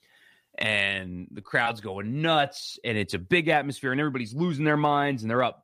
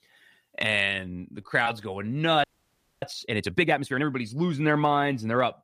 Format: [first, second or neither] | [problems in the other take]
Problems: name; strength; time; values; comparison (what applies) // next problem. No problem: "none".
first | audio freezing; at 2.5 s for 0.5 s